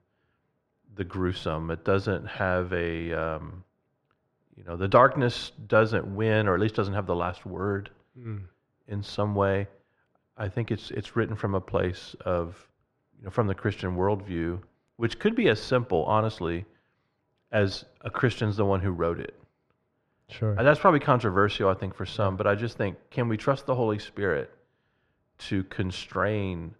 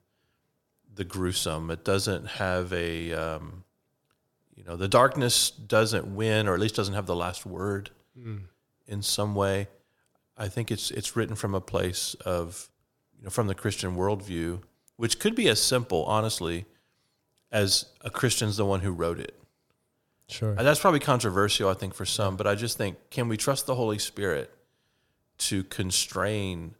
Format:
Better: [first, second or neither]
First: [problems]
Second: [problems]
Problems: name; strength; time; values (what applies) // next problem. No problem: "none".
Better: second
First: muffled; very; fading above 2 kHz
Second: none